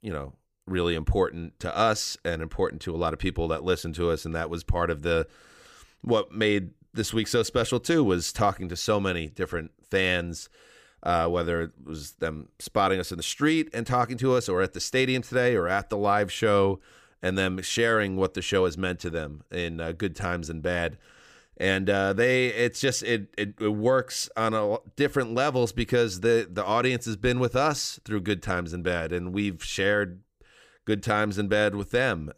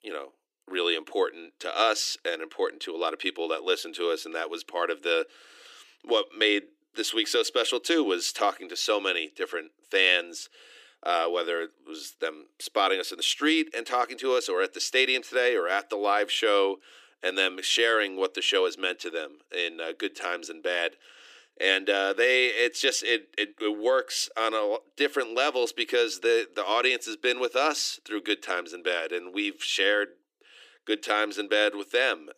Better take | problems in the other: first | thin; somewhat; fading below 300 Hz

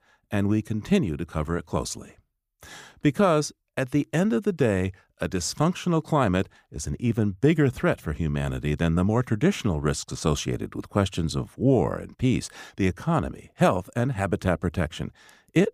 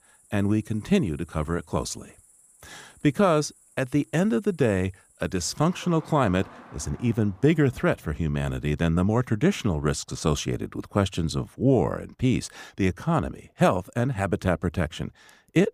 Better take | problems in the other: first | animal sounds; faint; throughout; 25 dB below the speech

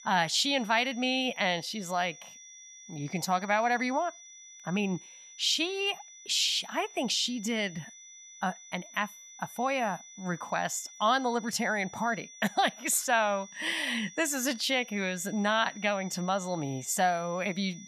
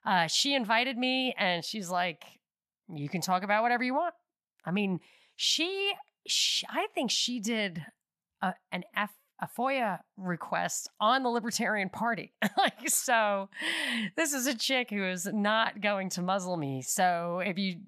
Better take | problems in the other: second | high-pitched whine; noticeable; throughout; 6 kHz, 20 dB below the speech

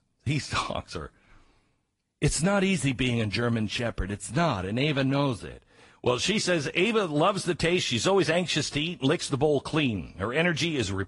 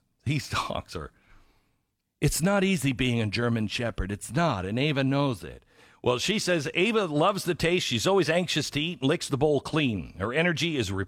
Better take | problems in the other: second | garbled, watery; slightly; nothing above 11 kHz

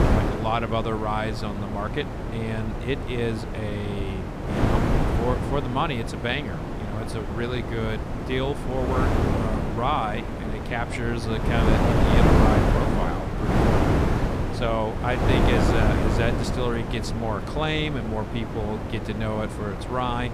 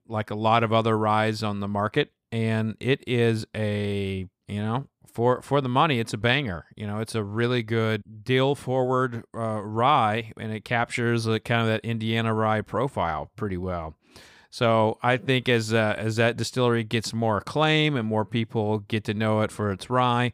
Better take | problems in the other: second | wind noise on the microphone; heavy; as loud as the speech

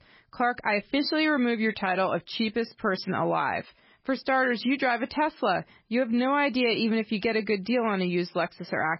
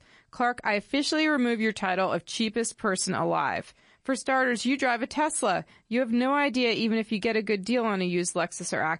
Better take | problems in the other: second | garbled, watery; badly; nothing above 5.5 kHz; slightly in the second

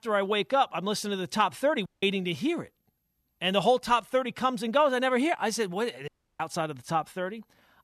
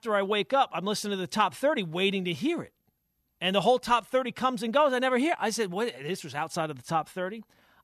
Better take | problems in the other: second | audio cutting out; at 2 s and at 6 s

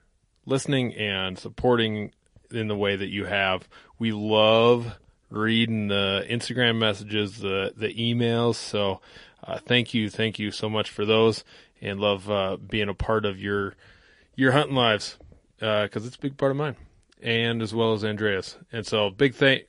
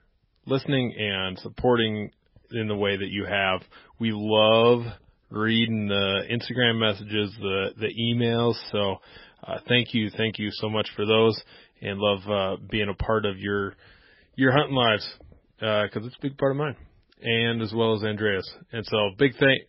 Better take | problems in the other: first | garbled, watery; badly; nothing above 5.5 kHz; slightly in the first

